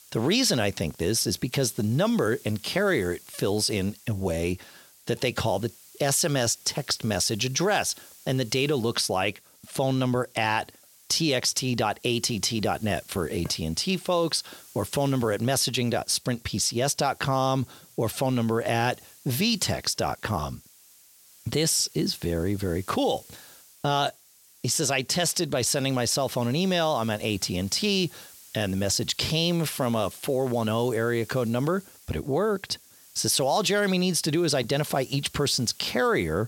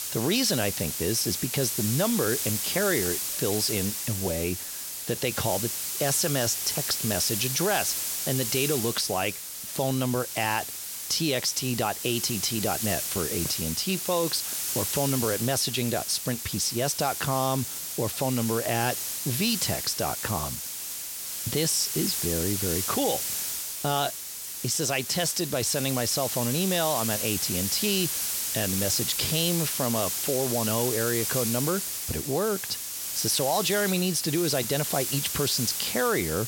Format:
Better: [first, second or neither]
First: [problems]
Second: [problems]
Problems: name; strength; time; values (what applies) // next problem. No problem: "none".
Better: first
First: hiss; faint; throughout; 25 dB below the speech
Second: hiss; loud; throughout; 1 dB below the speech